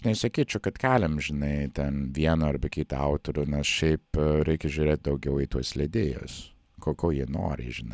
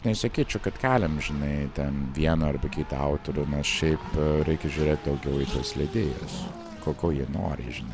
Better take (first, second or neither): first